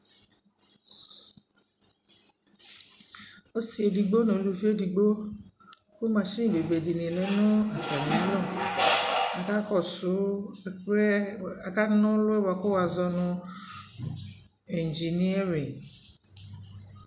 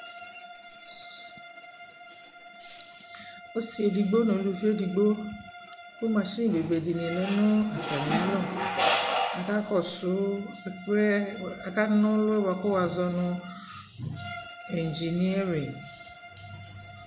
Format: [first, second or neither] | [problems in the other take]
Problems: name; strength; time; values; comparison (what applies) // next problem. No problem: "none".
first | background sound (Bowed string instrument); 18 dB below the speech